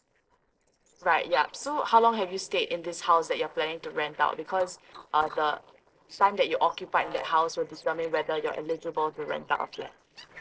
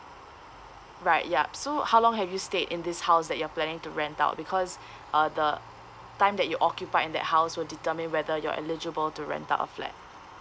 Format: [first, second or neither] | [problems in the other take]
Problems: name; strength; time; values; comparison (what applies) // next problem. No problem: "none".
second | noise reduction (neural separator model SepFormer DNS4)